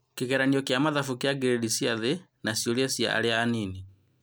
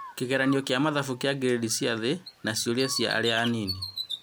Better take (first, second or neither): first